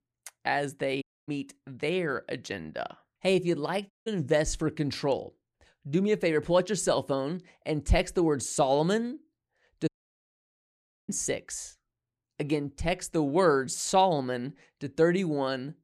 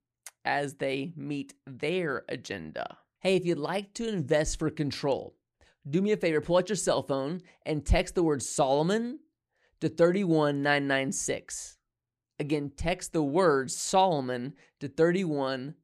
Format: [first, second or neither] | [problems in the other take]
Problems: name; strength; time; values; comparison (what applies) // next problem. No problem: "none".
second | audio cutting out; at 1 s, at 4 s and at 10 s for 1 s